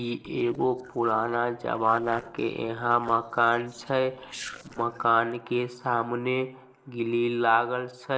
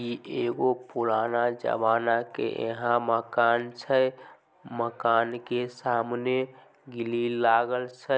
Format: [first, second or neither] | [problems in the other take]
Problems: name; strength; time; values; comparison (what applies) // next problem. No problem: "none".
second | noise reduction (neural separator model SepFormer DNS4)